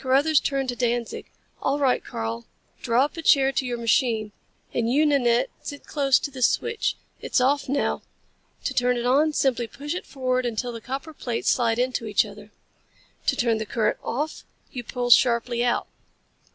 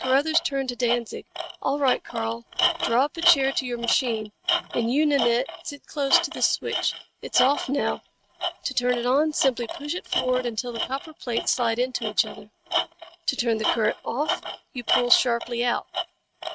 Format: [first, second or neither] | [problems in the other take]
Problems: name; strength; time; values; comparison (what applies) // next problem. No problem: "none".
first | noise reduction (neural mask model RNNoise)